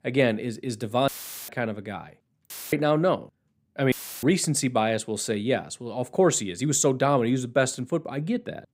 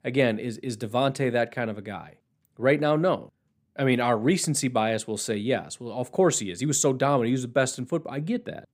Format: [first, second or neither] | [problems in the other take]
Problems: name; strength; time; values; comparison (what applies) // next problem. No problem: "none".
second | audio cutting out; filled with static; at 1 s, at 2.5 s and at 4 s